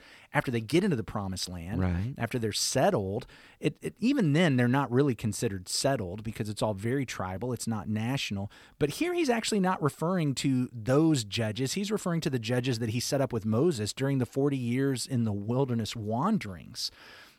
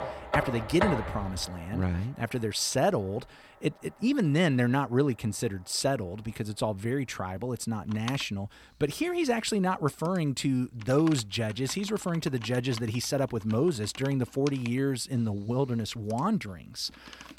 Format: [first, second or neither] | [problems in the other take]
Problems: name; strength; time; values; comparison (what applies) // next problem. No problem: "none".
first | household noises; noticeable; throughout; 10 dB below the speech